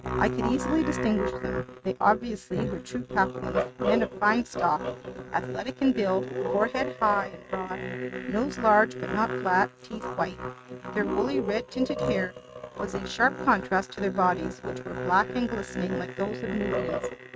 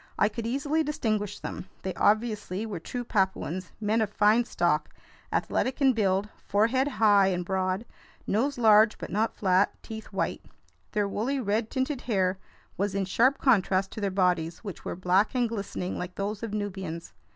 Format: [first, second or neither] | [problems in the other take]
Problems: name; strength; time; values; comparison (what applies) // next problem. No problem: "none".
second | noise reduction (neural mask model RNNoise)